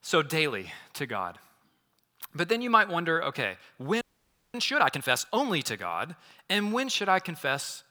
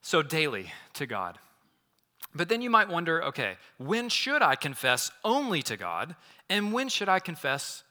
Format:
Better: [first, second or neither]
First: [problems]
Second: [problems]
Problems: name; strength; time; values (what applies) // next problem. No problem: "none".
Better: second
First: audio freezing; at 4 s for 0.5 s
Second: none